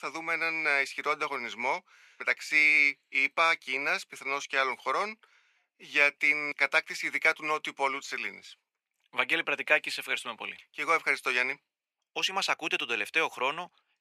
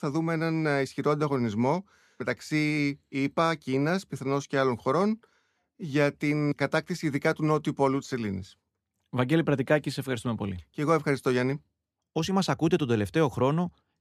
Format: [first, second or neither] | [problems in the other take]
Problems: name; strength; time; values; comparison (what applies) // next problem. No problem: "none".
second | thin; very; fading below 800 Hz